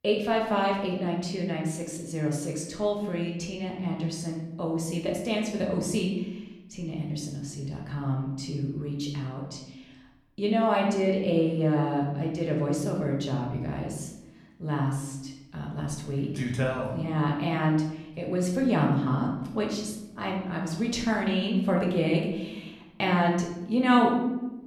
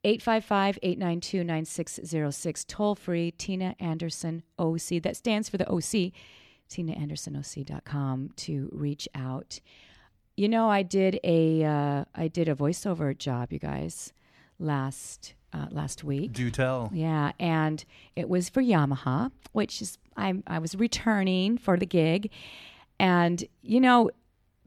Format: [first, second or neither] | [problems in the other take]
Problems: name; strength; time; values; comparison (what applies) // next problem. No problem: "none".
second | room echo; noticeable; dies away in 0.8 s // off-mic speech; somewhat distant